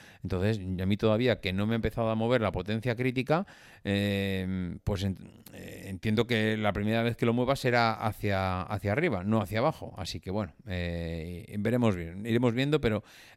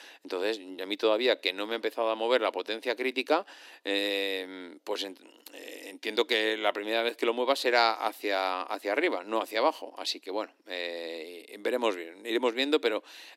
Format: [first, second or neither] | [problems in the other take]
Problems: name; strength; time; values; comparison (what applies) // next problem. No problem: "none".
first | thin; very; fading below 300 Hz